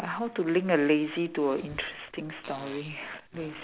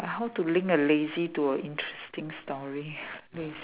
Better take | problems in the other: second | background sound (Fart); 20 dB below the speech

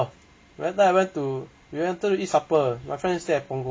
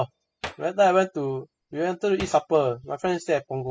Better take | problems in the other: first | noise reduction (classical method spectral subtraction)

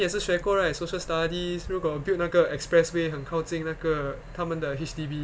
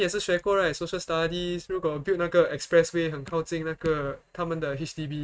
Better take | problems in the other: first | noise reduction (neural mask model RNNoise)

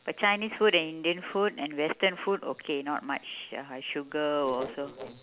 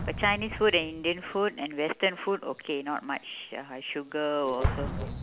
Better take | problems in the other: first | background sound (Explosion); 8 dB below the speech

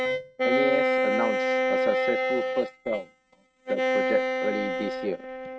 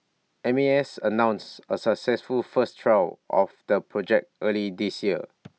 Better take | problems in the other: second | noise reduction (neural mask model RNNoise)

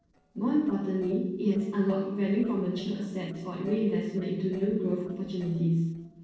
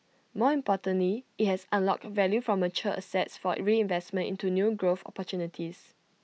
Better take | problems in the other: second | noise reduction (neural separator model SepFormer DNS4)

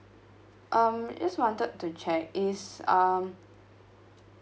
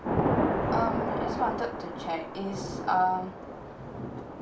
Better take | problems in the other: first | background sound (Thunder / Rain); 2 dB above the speech // room echo; dies away in 0.3 s

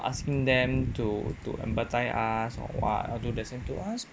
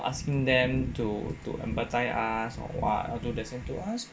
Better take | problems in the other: first | room echo; dies away in 0.3 s

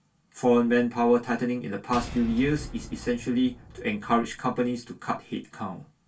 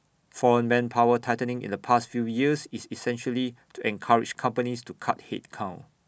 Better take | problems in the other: second | background sound (Shatter / Boom); 15 dB below the speech // room echo; dies away in 0.2 s

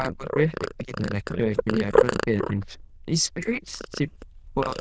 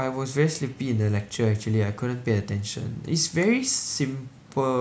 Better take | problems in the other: second | noise reduction (neural diffusion model UNIVERSE++)

